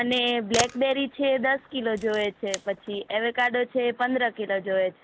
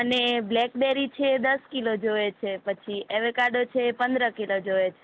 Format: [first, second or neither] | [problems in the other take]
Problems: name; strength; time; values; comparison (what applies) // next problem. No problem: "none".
second | background sound (Camera); 11 dB below the speech